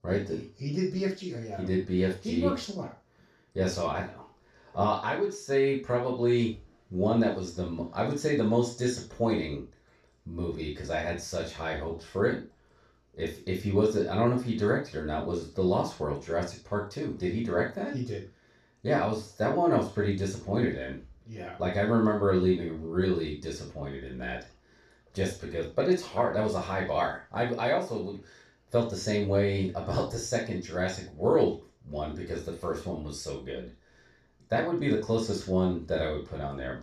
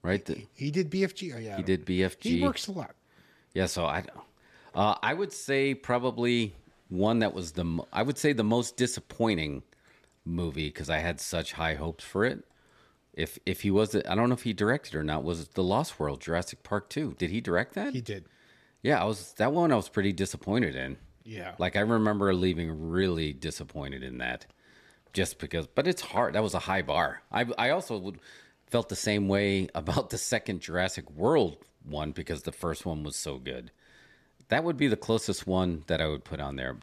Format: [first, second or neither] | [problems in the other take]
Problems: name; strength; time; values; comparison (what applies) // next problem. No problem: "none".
second | room echo; noticeable; dies away in 0.3 s // off-mic speech; far